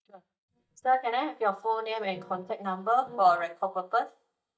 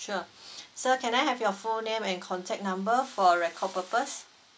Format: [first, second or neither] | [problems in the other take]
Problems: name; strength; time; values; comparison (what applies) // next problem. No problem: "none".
second | noise reduction (neural mask model DeepFilterNet 3)